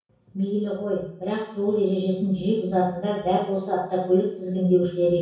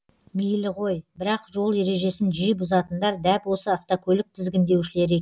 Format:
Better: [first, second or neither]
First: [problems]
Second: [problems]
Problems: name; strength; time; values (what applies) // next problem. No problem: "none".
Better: second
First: room echo; dies away in 0.6 s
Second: none